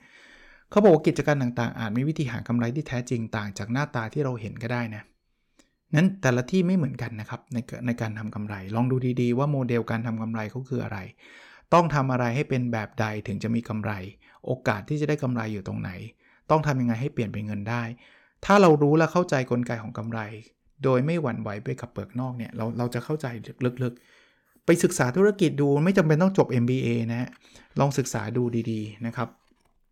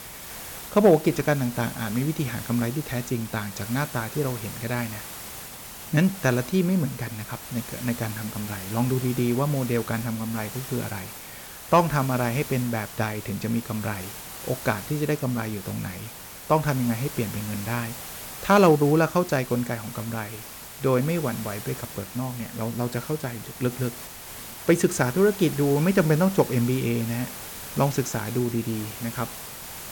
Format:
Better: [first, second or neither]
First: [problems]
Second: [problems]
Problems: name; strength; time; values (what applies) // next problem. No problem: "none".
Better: first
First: none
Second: hiss; noticeable; throughout; 10 dB below the speech